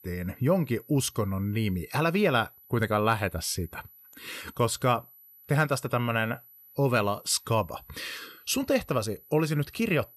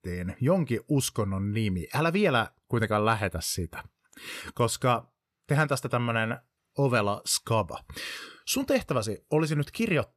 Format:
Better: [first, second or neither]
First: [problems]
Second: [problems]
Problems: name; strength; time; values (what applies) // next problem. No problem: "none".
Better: second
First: high-pitched whine; faint; throughout; 12 kHz, 25 dB below the speech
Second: none